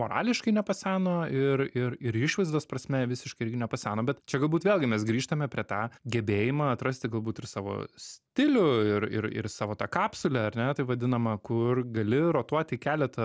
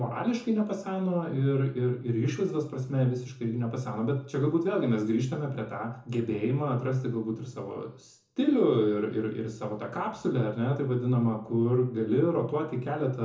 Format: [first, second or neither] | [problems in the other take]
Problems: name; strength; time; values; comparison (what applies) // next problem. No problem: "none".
first | room echo; dies away in 0.6 s